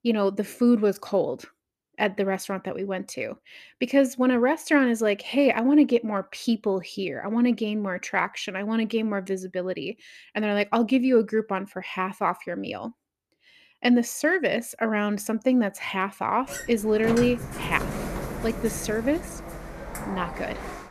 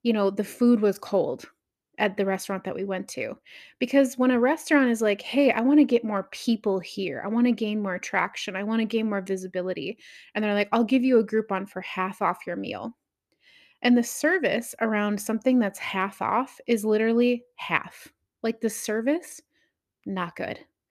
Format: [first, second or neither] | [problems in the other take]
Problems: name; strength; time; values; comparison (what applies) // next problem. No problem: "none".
second | door banging; noticeable; from 16 s on; peak 5 dB below the speech